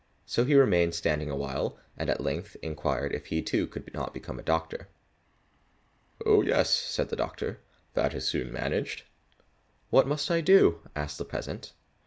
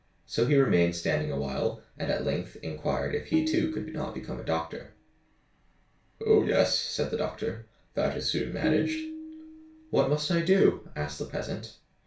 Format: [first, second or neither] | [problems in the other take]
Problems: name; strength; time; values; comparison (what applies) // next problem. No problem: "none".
first | background sound (Tabla); 6 dB below the speech // room echo; dies away in 0.3 s